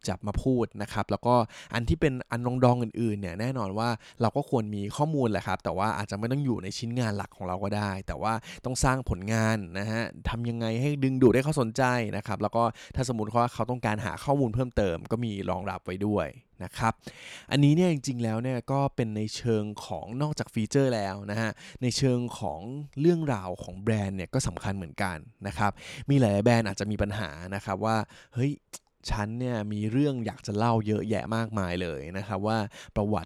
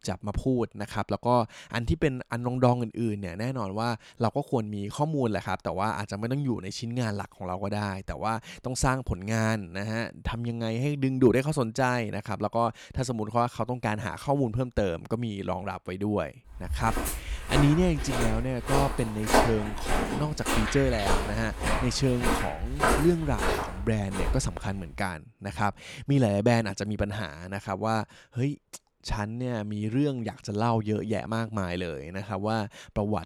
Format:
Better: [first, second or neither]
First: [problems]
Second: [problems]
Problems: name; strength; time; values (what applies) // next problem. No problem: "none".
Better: first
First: none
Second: footsteps; loud; from 17 to 24 s; peak 5 dB above the speech